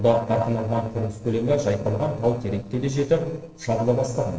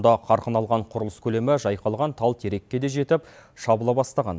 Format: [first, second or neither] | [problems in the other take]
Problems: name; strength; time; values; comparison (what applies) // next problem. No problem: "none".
second | noise reduction (neural separator model SepFormer DNS4)